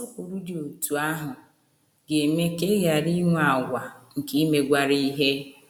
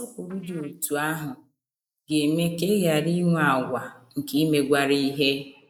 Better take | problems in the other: first | noise reduction (neural mask model Resemble Enhance denoiser)

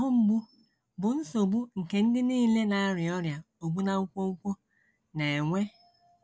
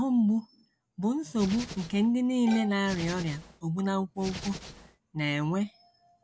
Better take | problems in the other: first | background sound (Hands + Bowed string instrument); 12 dB below the speech

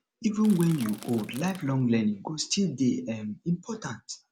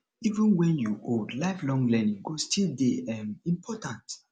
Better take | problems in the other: second | background sound (Crushing); 19 dB below the speech

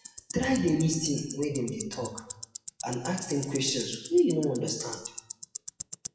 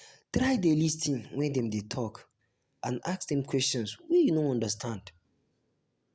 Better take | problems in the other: second | noise reduction (classical method WPE with log-MMSE)

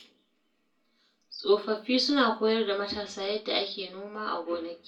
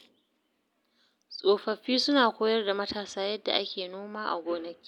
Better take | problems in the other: second | room echo; dies away in 0.3 s

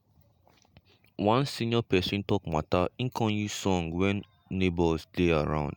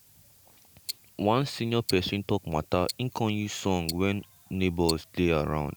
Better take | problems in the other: first | background sound (Tick-tock); 15 dB below the speech

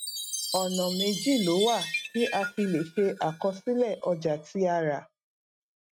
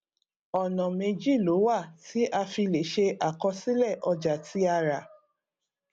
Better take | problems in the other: second | noise reduction (neural mask model RNNoise)

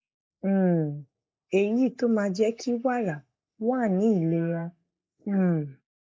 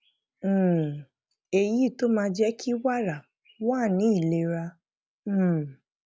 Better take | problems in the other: second | noise reduction (neural mask model Resemble Enhance denoiser)

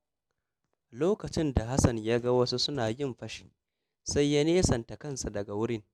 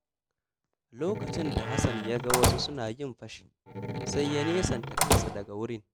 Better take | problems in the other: first | background sound (Slam); 2 dB above the speech

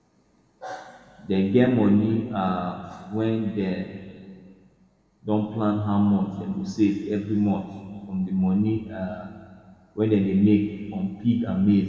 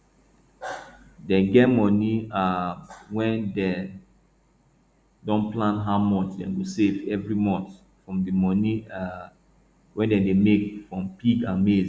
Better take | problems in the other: second | room echo; dies away in 2.1 s

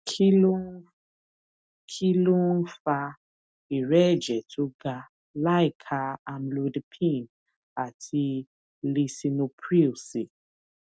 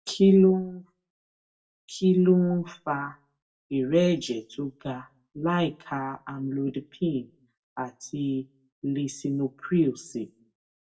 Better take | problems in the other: first | room echo; dies away in 0.2 s

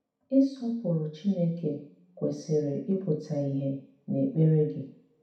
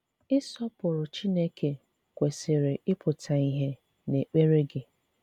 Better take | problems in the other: second | room echo; dies away in 0.6 s

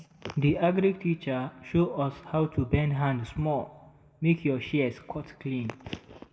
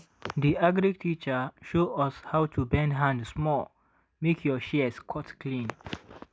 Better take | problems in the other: second | room echo; dies away in 1.1 s

